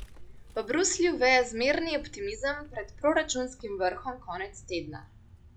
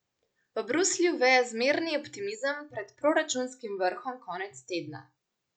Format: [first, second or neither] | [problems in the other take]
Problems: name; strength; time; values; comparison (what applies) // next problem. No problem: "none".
second | background sound (Vehicle); 18 dB below the speech